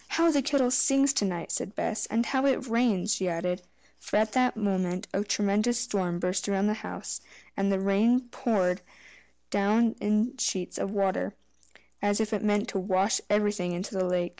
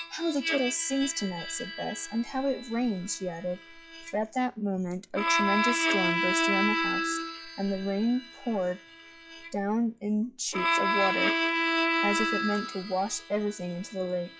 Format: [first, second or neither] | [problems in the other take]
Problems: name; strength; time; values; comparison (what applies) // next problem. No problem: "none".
first | noise reduction (classical method log-MMSE)